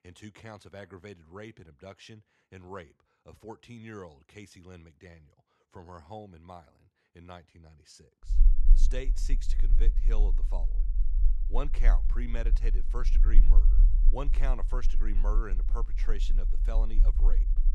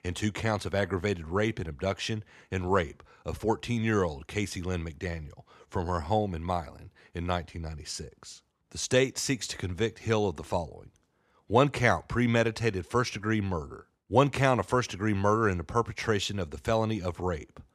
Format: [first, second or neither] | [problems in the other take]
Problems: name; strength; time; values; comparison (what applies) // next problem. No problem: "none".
second | low rumble; noticeable; from 8.5 s on; 10 dB below the speech